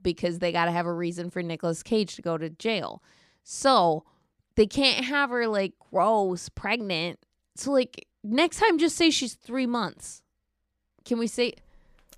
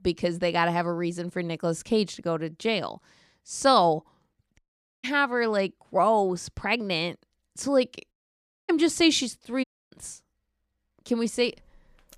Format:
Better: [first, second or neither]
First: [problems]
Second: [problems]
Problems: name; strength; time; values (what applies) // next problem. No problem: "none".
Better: first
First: none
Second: audio cutting out; at 4.5 s, at 8 s for 0.5 s and at 9.5 s